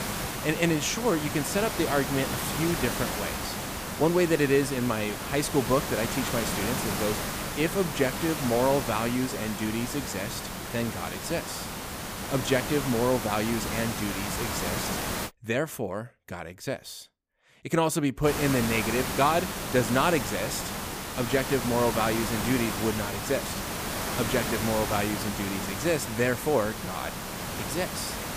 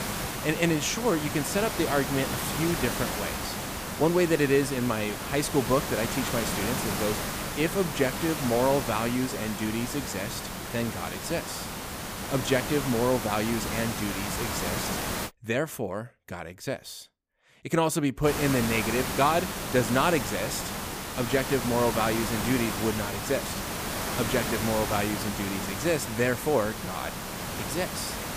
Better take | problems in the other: neither | hiss; loud; until 15 s and from 18 s on; 4 dB below the speech; the same in both

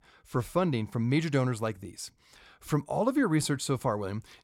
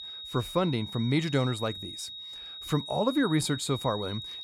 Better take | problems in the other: first | high-pitched whine; loud; throughout; 4 kHz, 9 dB below the speech

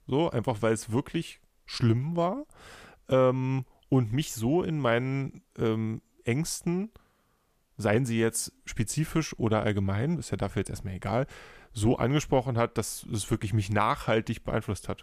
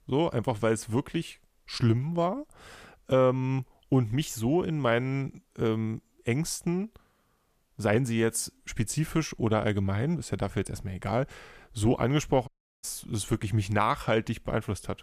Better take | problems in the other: first | audio cutting out; at 12 s

